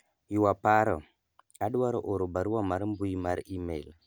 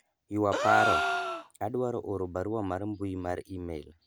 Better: first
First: none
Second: background sound (Gasp); 1 dB above the speech

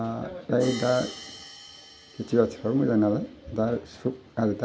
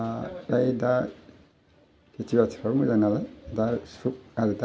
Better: second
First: background sound (Hi-hat); 19 dB below the speech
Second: none

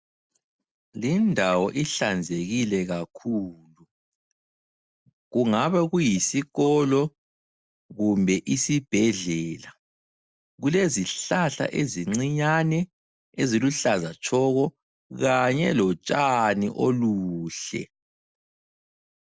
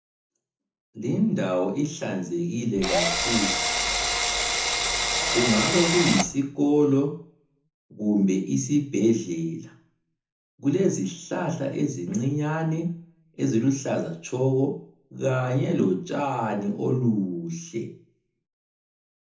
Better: first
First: none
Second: background sound (Drill); 1 dB above the speech // room echo; dies away in 0.6 s

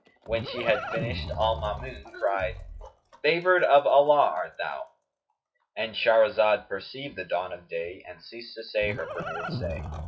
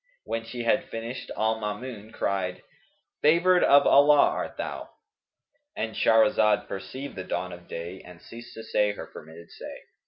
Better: second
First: noise reduction (classical method WPE with log-MMSE)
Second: none

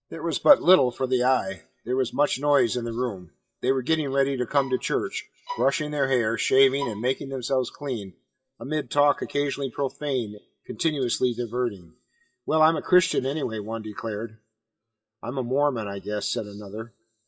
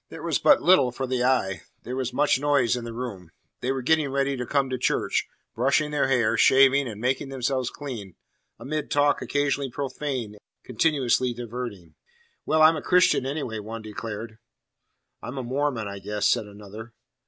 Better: second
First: noise reduction (classical method WPE with log-MMSE)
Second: none

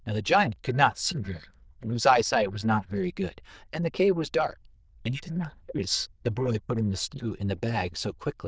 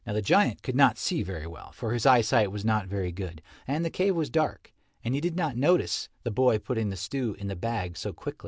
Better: second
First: noise reduction (neural diffusion model UNIVERSE++)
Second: none

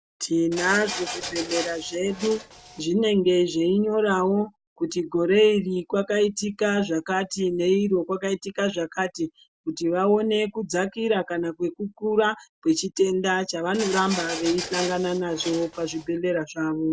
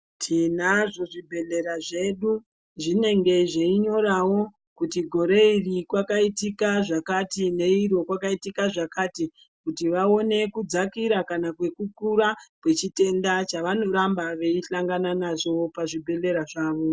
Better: second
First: background sound (Printer); 10 dB below the speech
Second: none

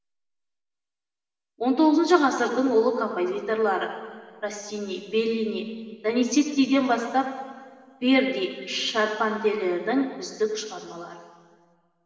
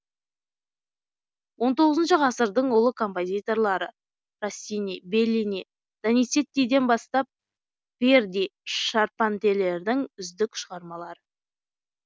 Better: second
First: room echo; dies away in 2.4 s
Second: none

